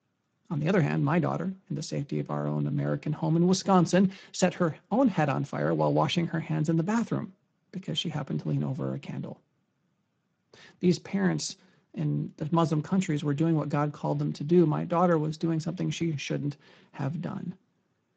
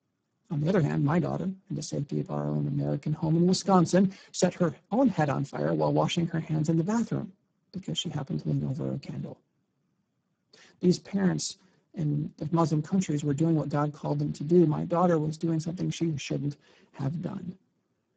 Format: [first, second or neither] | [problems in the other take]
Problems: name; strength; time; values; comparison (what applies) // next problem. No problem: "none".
first | garbled, watery; badly; nothing above 8 kHz; slightly in the first